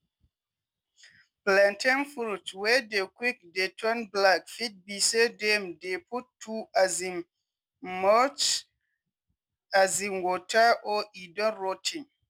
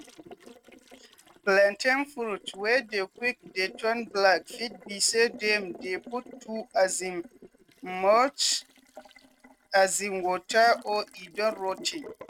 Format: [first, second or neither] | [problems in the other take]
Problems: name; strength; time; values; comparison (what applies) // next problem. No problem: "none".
first | noise reduction (neural mask model RNNoise)